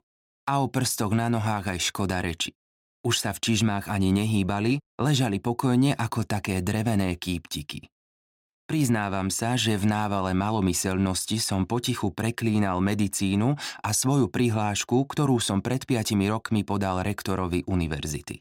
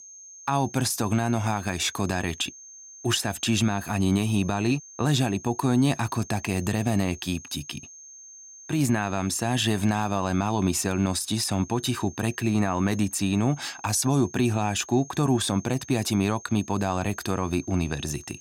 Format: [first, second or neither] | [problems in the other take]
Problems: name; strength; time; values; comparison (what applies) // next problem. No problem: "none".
first | high-pitched whine; noticeable; throughout; 6.5 kHz, 20 dB below the speech